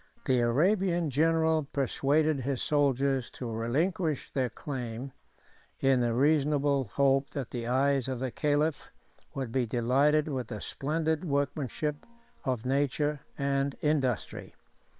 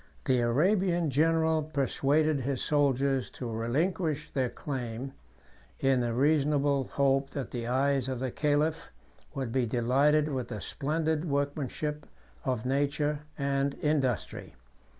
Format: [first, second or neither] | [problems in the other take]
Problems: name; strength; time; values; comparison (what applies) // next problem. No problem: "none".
second | noise reduction (neural separator model SepFormer WHAM!)